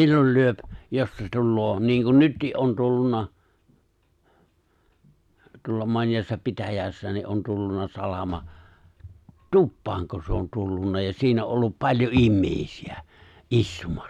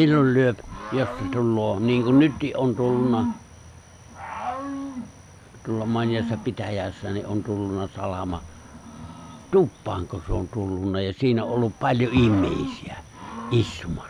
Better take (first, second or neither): first